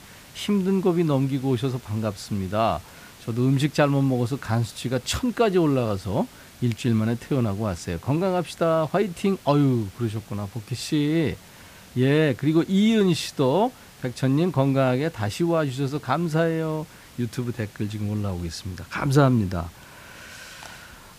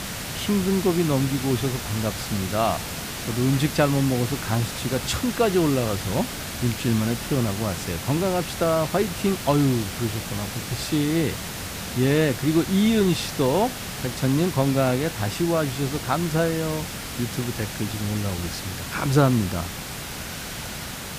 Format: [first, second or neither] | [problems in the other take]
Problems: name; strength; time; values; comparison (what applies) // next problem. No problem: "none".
first | hiss; loud; throughout; 7 dB below the speech; faint in the first